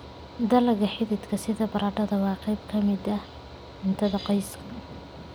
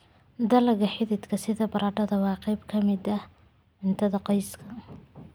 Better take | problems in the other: second | background sound (Mechanical fan); 16 dB below the speech

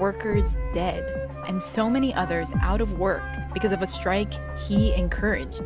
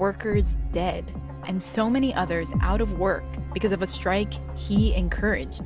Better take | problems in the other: second | background sound (Wind instrument, woodwind instrument); 12 dB below the speech

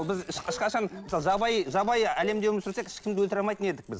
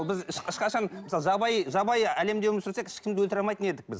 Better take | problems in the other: second | background sound (Tearing + Cowbell); 18 dB below the speech

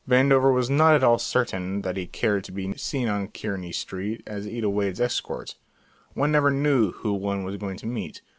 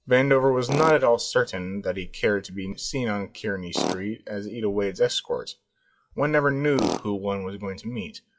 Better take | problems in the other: first | noise reduction (classical method WPE with log-MMSE)

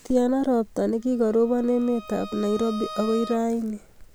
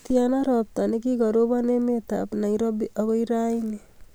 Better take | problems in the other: second | background sound (Bowed string instrument); 17 dB below the speech

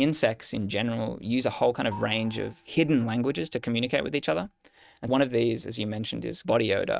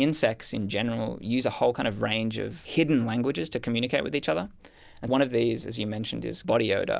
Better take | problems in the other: second | noise reduction (neural mask model RNNoise)

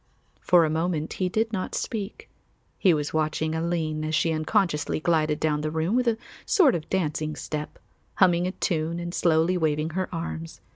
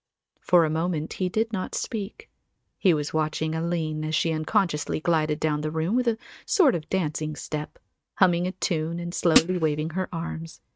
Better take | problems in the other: first | noise reduction (neural mask model RNNoise)

